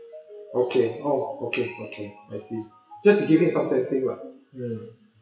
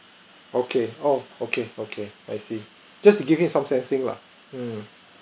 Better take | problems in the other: second | noise reduction (classical method WPE with log-MMSE)

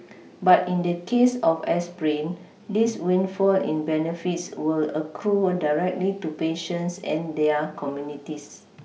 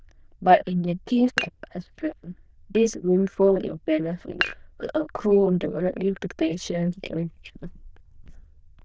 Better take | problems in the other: first | noise reduction (neural diffusion model UNIVERSE++)

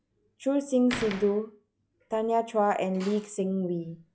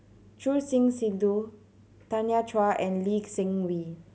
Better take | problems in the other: second | noise reduction (classical method log-MMSE)

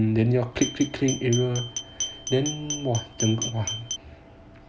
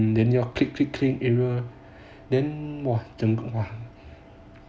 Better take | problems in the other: second | background sound (Glass); 8 dB below the speech

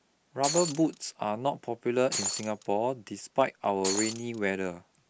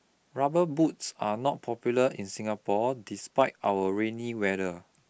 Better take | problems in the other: second | background sound (Shatter); 3 dB below the speech

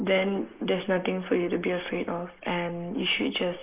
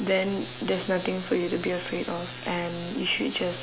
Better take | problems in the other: second | noise reduction (neural mask model Resemble Enhance denoiser)

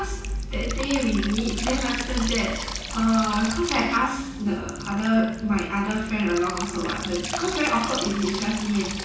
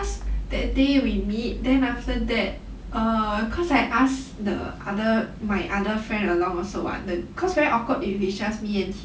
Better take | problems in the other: second | background sound (Drip); 10 dB below the speech // room echo; dies away in 1.1 s

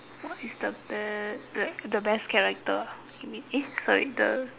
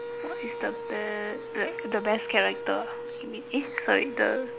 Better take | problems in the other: first | background sound (Wind instrument, woodwind instrument); 8 dB below the speech

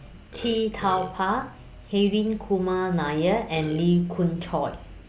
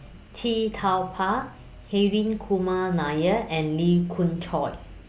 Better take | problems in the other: second | background sound (Burping, eructation); 13 dB below the speech

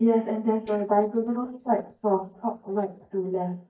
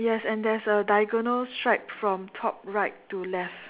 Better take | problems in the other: second | noise reduction (neural mask model DeepFilterNet 3)

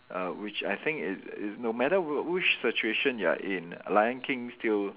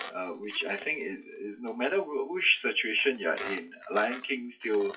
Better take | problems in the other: first | noise reduction (classical method WPE with log-MMSE)

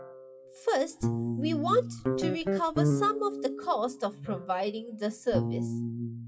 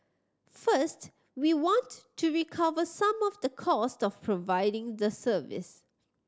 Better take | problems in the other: second | noise reduction (classical method WPE with log-MMSE)

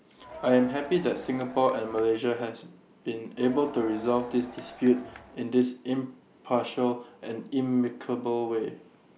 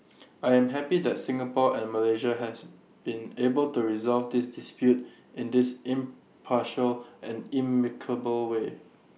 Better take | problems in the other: second | background sound (Crowd); 17 dB below the speech

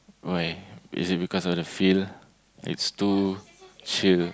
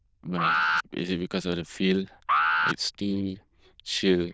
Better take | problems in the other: first | noise reduction (neural diffusion model UNIVERSE++)

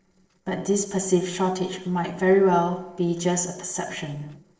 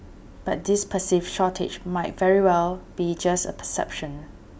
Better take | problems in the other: second | noise reduction (neural separator model SepFormer DNS4)

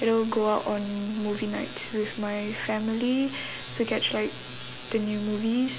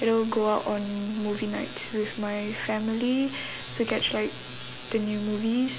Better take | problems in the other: first | background sound (Chewing, mastication); 20 dB below the speech

